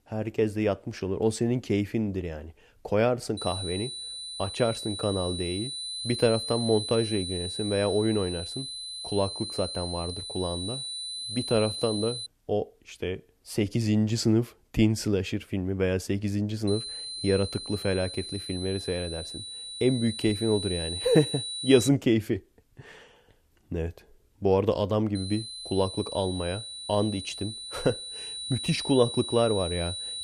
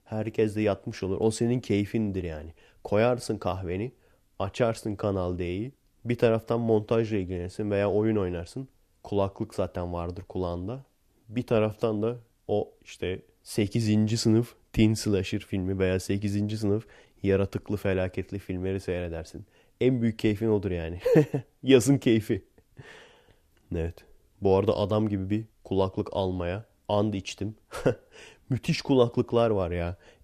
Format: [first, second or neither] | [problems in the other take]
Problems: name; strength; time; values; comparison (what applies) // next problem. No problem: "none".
second | high-pitched whine; loud; from 3.5 to 12 s, from 17 to 22 s and from 25 s on; 4 kHz, 6 dB below the speech